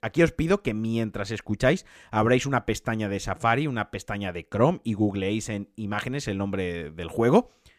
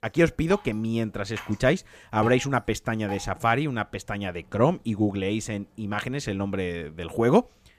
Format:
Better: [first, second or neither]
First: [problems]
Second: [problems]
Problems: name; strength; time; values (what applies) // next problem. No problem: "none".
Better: first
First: none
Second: rain or running water; noticeable; throughout; 20 dB below the speech